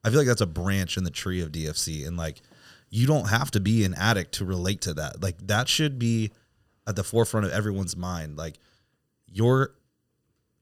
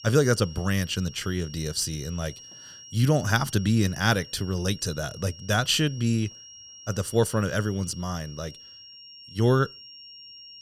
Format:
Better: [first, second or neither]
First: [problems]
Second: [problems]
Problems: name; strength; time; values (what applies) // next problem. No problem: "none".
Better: first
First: none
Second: high-pitched whine; noticeable; throughout; 5.5 kHz, 15 dB below the speech